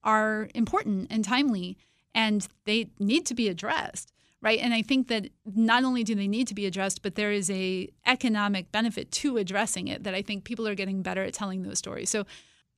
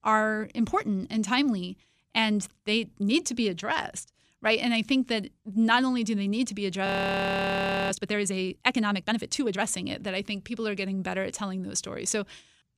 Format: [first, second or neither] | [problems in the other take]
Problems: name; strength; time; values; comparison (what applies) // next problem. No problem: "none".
first | audio freezing; at 7 s for 1 s